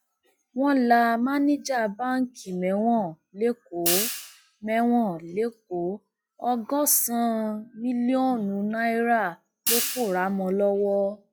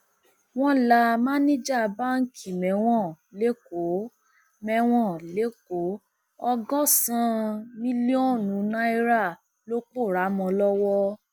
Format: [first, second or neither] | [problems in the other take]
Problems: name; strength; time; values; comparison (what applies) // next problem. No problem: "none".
second | noise reduction (classical method log-MMSE)